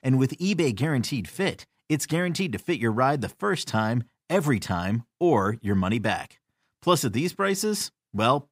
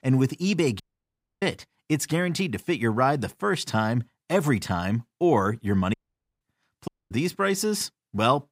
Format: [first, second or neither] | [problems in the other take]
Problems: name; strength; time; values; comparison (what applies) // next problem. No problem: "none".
first | audio cutting out; at 1 s for 0.5 s, at 6 s and at 7 s